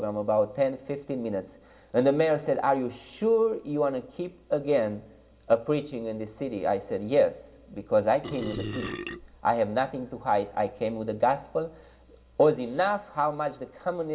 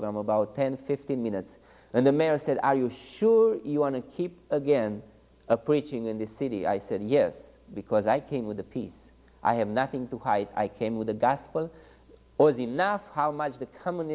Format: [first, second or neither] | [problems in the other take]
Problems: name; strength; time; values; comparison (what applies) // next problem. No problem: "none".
second | background sound (Burping, eructation); 9 dB below the speech // room echo; dies away in 0.4 s